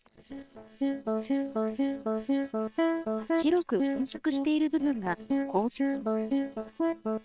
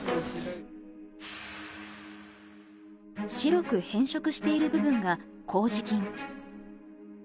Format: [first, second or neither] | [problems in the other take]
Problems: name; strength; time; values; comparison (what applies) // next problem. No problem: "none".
second | noise reduction (neural separator model SepFormer WHAM!)